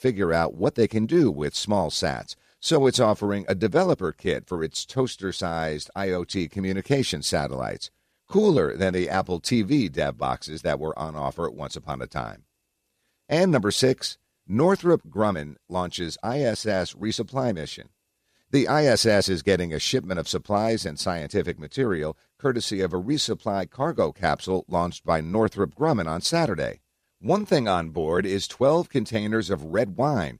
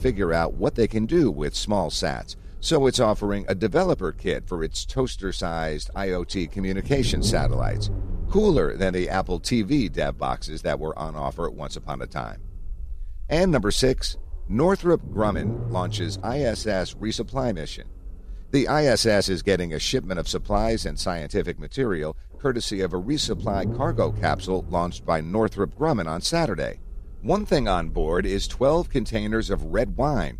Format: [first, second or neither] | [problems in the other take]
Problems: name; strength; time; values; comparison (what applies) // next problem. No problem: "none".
first | low rumble; noticeable; throughout; 20 dB below the speech